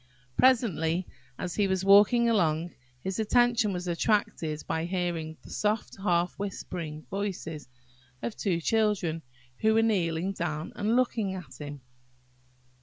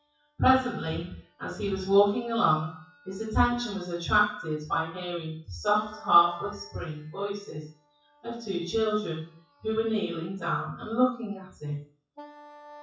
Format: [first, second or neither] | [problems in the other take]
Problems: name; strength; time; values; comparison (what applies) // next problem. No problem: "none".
first | noise reduction (classical method WPE with log-MMSE)